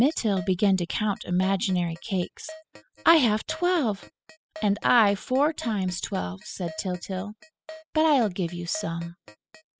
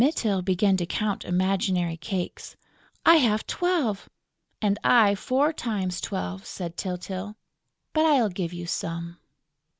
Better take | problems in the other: second | noise reduction (classical method spectral subtraction)

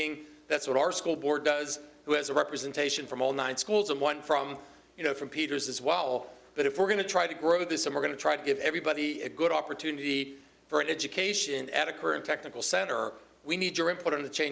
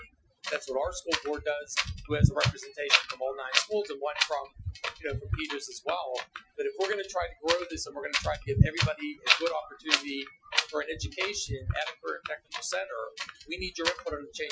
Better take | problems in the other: first | noise reduction (classical method Wiener filter)

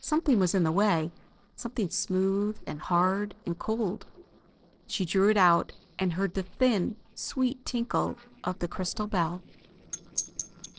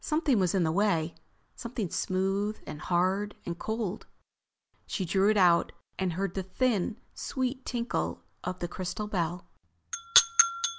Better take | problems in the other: second | noise reduction (neural separator model SepFormer DNS4)

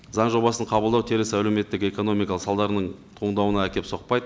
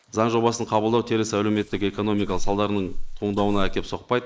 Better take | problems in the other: first | noise reduction (neural mask model Resemble Enhance denoiser)

